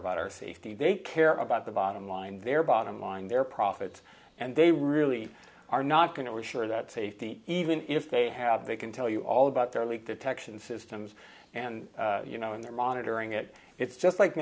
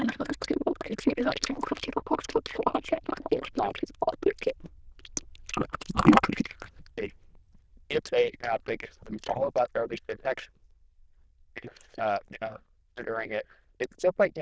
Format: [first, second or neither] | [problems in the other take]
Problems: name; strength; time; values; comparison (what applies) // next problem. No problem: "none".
first | noise reduction (neural diffusion model UNIVERSE++)